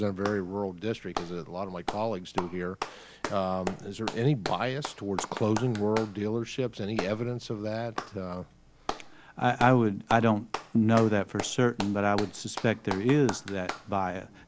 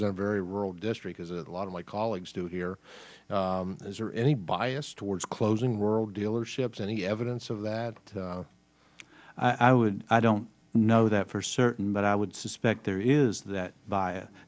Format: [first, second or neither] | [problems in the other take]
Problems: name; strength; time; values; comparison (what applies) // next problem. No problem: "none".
second | background sound (Clapping); 11 dB below the speech